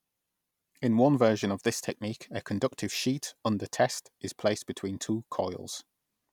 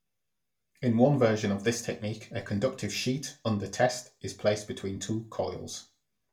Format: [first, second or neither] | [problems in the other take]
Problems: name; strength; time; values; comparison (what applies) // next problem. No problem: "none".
first | room echo; dies away in 0.2 s